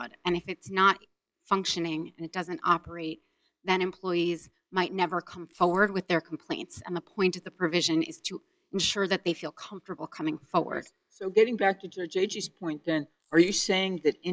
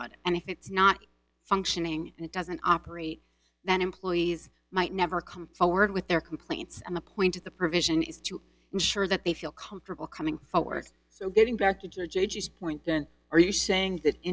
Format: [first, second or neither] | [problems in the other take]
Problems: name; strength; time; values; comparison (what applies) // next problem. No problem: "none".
second | noise reduction (neural mask model Resemble Enhance denoiser)